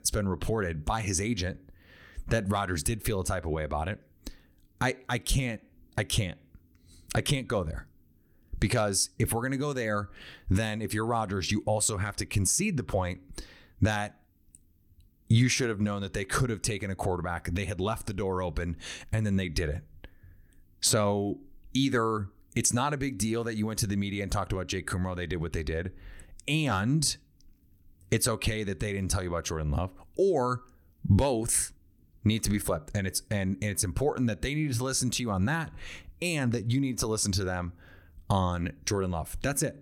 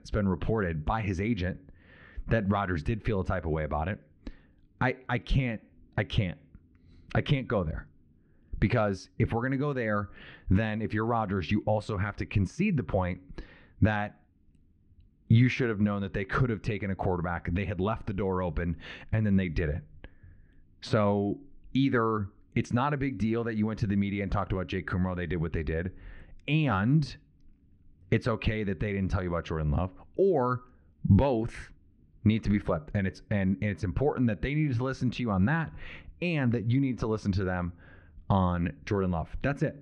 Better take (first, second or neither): first